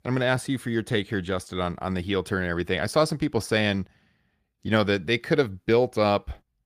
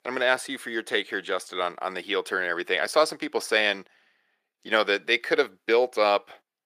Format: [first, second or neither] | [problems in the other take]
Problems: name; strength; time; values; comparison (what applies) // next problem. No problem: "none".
first | thin; very; fading below 400 Hz